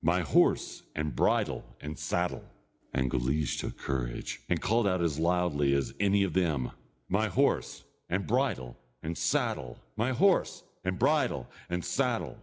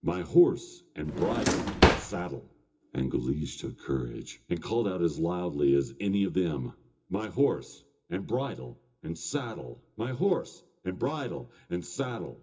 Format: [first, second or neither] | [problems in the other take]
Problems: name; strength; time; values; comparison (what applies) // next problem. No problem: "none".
first | background sound (Drawer open or close); 4 dB above the speech // room echo; dies away in 0.2 s